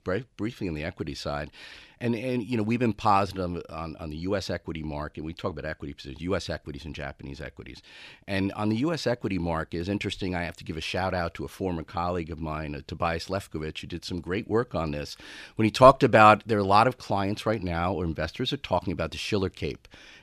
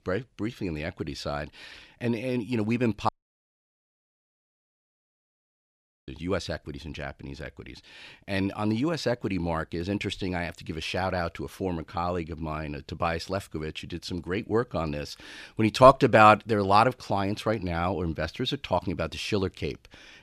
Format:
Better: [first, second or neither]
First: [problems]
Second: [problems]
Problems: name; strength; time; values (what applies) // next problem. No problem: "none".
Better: first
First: none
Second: audio cutting out; at 3 s for 3 s